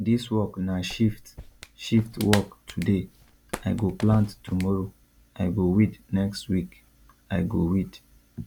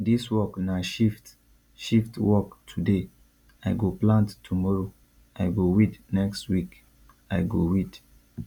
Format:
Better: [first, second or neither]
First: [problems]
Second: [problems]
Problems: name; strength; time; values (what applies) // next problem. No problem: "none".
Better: second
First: background sound (Clapping); 13 dB below the speech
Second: none